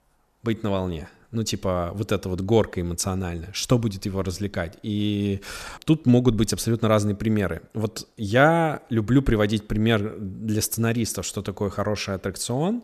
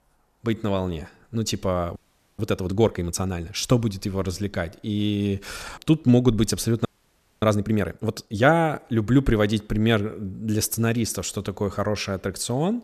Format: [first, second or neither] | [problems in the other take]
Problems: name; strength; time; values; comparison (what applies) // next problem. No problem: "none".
first | audio freezing; at 2 s and at 7 s for 0.5 s